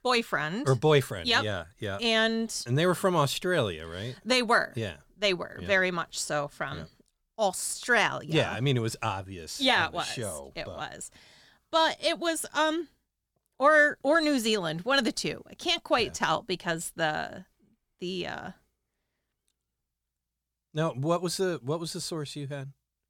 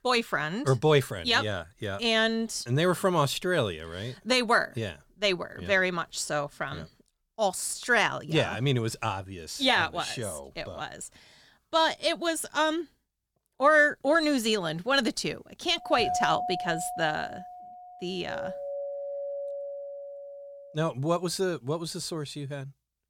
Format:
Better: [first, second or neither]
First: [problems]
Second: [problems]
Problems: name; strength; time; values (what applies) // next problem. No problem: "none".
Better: first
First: none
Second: doorbell; noticeable; from 16 to 21 s; peak 2 dB below the speech